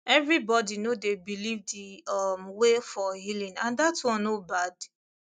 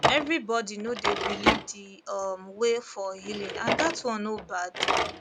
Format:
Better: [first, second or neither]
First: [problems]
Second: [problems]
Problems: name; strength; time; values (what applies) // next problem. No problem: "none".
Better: first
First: none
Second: background sound (Drawer open or close); as loud as the speech